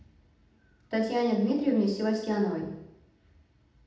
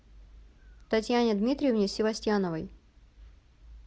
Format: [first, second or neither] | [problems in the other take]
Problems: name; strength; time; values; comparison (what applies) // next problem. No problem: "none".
second | room echo; dies away in 0.8 s